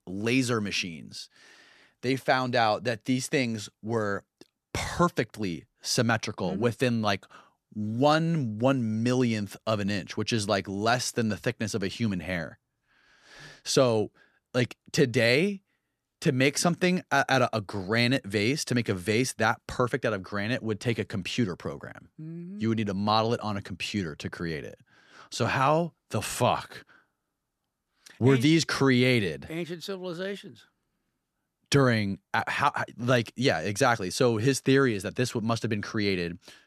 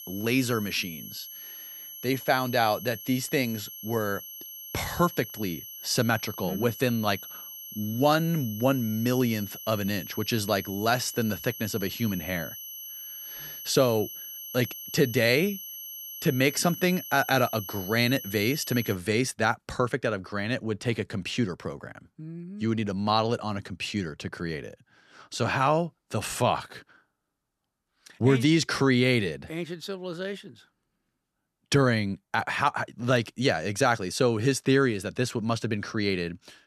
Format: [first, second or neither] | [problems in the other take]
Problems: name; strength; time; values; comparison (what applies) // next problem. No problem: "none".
first | high-pitched whine; noticeable; until 19 s; 11.5 kHz, 10 dB below the speech